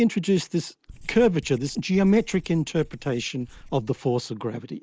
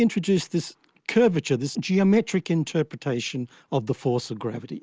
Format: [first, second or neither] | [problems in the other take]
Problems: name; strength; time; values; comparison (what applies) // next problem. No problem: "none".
second | noise reduction (neural mask model DeepFilterNet 3)